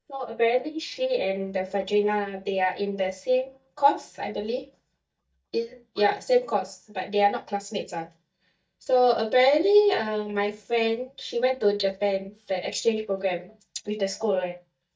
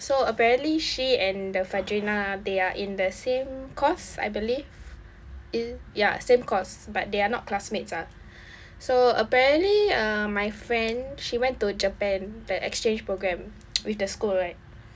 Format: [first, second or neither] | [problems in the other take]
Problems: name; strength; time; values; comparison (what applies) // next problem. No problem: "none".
second | noise reduction (neural mask model DeepFilterNet 3)